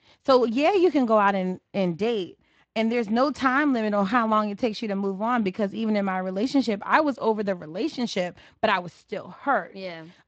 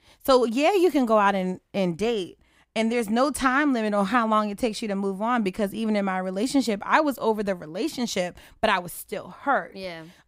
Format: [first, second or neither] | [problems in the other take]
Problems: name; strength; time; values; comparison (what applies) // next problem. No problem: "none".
second | garbled, watery; slightly; nothing above 7.5 kHz